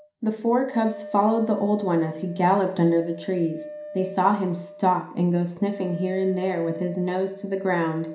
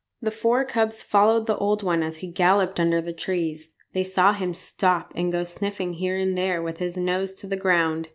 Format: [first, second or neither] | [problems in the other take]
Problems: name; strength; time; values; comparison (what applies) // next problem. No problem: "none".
second | background sound (Wind instrument, woodwind instrument); 15 dB below the speech // room echo; dies away in 0.5 s